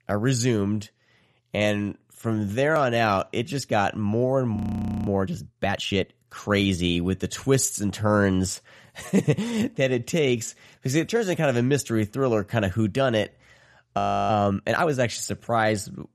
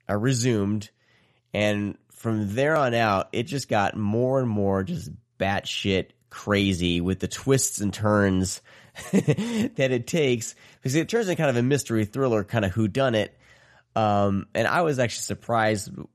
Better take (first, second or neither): second